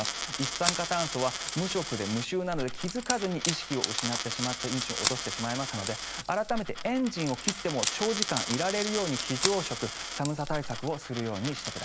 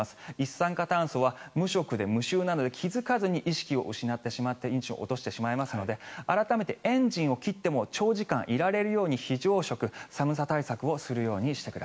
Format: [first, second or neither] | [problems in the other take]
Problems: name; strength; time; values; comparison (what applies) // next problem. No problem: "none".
second | background sound (Coin (dropping) + Wood); 2 dB below the speech